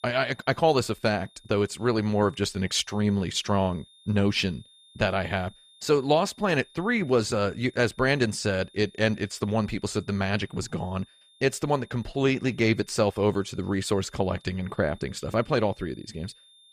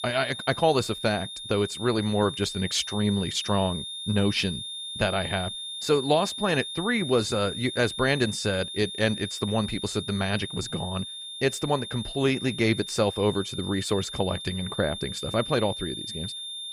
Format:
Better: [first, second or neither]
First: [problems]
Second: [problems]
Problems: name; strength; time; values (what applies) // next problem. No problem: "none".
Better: first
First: high-pitched whine; faint; throughout; 3.5 kHz, 30 dB below the speech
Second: high-pitched whine; loud; throughout; 3.5 kHz, 7 dB below the speech